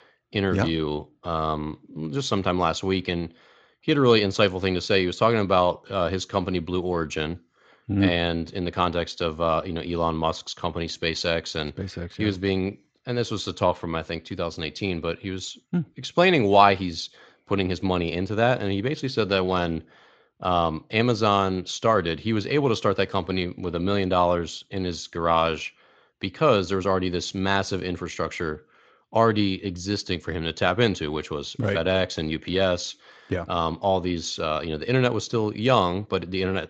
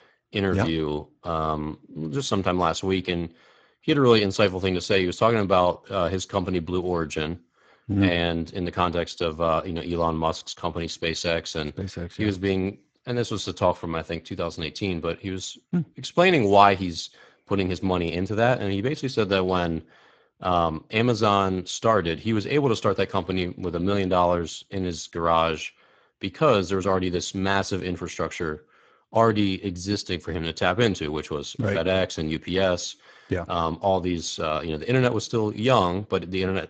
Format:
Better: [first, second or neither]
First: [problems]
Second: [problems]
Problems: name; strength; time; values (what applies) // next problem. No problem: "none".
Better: first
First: garbled, watery; slightly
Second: garbled, watery; badly; nothing above 7.5 kHz